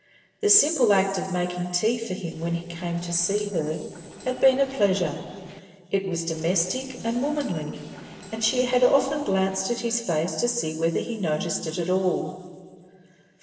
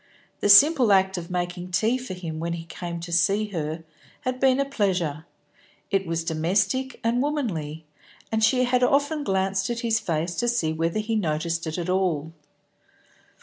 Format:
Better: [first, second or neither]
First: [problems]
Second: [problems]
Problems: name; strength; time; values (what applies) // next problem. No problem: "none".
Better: second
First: noise reduction (neural separator model SepFormer DNS4)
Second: none